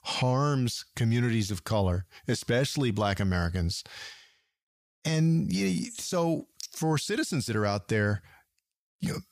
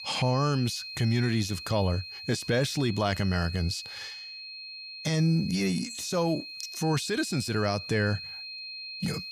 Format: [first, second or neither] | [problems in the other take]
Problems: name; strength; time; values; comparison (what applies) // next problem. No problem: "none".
first | high-pitched whine; loud; throughout; 4 kHz, 10 dB below the speech